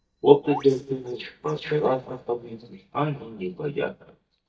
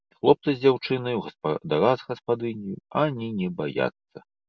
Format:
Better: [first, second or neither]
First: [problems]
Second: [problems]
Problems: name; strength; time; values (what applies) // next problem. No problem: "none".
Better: second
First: noise reduction (neural mask model DeepFilterNet 3)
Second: none